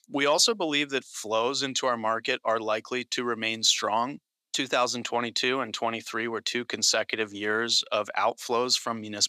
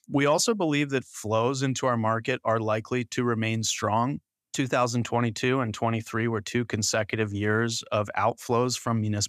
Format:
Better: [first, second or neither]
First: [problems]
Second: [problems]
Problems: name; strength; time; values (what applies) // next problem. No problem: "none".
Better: second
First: thin; somewhat; fading below 300 Hz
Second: none